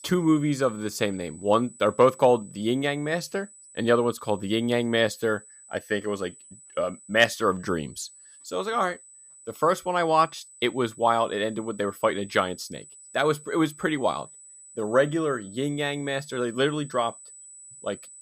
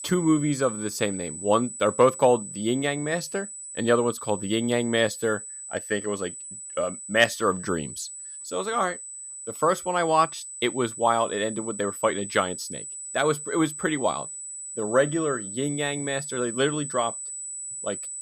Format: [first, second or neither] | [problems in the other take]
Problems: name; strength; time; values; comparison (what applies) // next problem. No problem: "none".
first | high-pitched whine; loud; throughout; 8 kHz, 9 dB below the speech; faint in the first